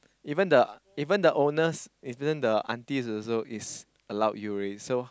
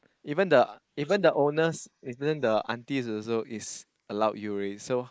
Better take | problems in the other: first | noise reduction (neural mask model Resemble Enhance denoiser)

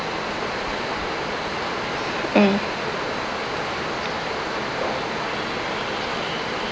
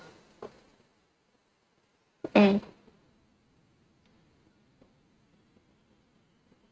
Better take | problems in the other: first | noise reduction (neural mask model RNNoise)

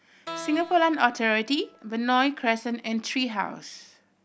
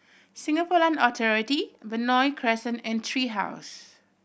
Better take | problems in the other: second | background sound (Keyboard (musical)); 18 dB below the speech

